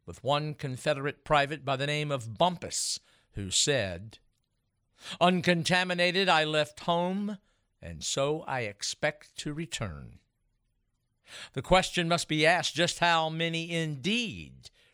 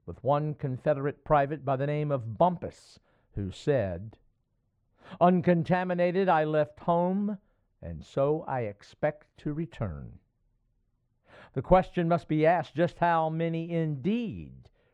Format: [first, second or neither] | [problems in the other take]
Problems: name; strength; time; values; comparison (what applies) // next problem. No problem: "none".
first | muffled; very; fading above 2.5 kHz